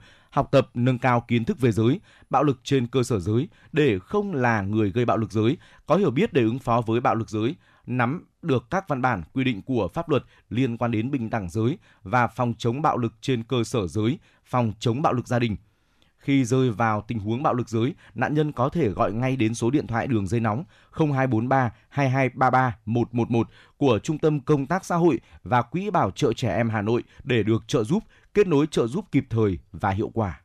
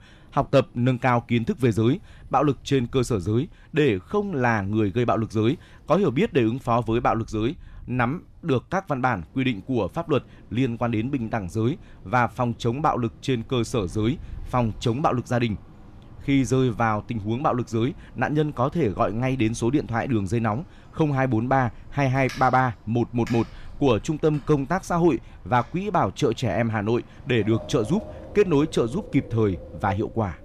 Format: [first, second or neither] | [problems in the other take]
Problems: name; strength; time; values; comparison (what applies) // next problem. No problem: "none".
first | wind in the background; faint; throughout; 20 dB below the speech